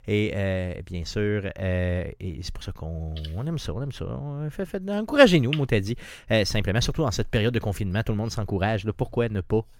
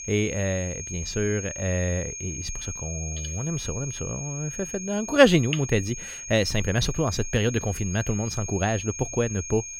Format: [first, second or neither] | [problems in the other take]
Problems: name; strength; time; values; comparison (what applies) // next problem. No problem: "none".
first | high-pitched whine; loud; throughout; 6.5 kHz, 8 dB below the speech